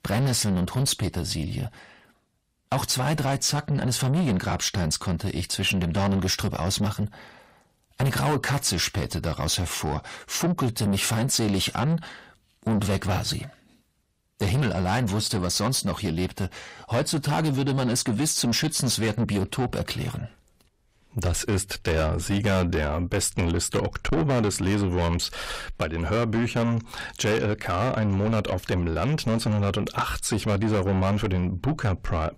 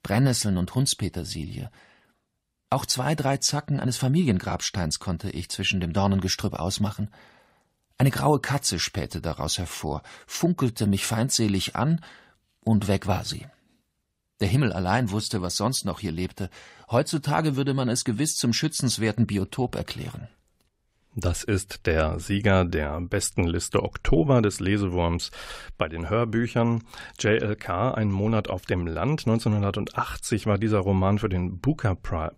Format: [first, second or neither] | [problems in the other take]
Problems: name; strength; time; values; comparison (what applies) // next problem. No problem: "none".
second | distortion; heavy; 7 dB below the speech